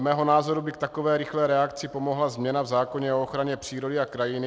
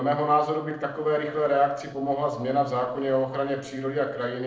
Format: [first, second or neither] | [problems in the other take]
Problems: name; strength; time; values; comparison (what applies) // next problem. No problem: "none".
first | noise reduction (neural separator model SepFormer DNS4)